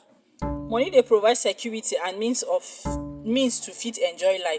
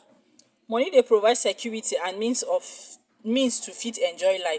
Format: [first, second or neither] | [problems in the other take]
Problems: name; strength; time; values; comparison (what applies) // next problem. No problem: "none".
second | background sound (Bowed string instrument); 11 dB below the speech